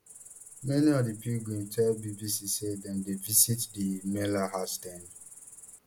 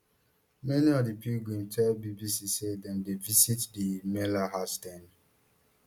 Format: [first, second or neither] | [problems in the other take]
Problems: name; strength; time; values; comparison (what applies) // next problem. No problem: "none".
second | background sound (Cricket); 18 dB below the speech